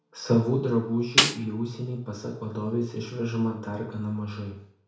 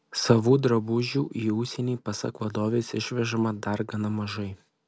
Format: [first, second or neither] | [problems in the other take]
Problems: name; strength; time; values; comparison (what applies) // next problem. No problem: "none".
second | background sound (Snare drum); 1 dB above the speech // room echo; dies away in 0.6 s